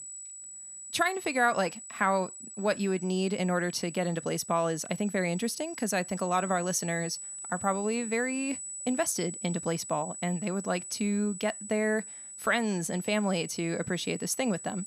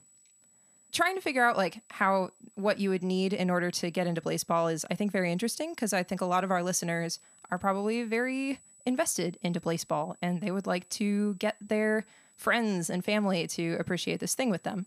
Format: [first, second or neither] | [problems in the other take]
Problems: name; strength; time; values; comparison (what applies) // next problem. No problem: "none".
second | high-pitched whine; loud; throughout; 8 kHz, 9 dB below the speech; faint in the second